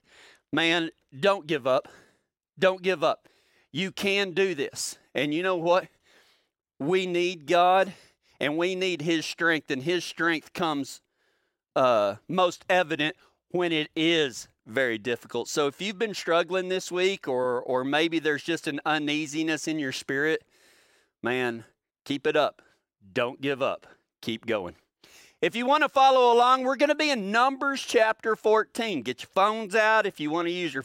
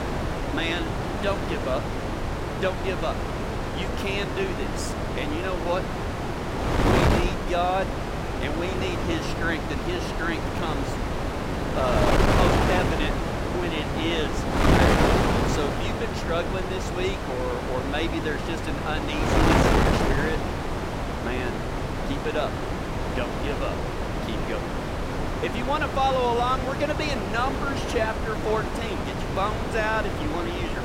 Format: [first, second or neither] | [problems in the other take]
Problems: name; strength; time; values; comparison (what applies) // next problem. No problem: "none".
first | wind noise on the microphone; heavy; 1 dB above the speech